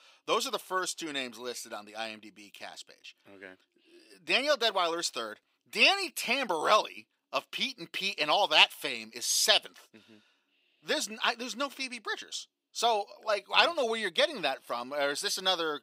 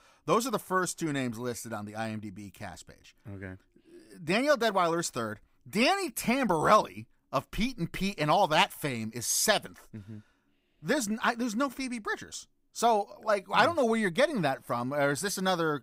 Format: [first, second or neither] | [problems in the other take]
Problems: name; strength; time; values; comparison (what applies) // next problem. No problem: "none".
second | thin; somewhat; fading below 400 Hz